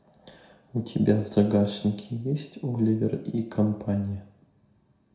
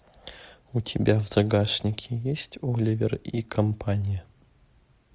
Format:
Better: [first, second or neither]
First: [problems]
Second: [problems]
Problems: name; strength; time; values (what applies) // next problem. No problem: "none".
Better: second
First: room echo; dies away in 0.6 s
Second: none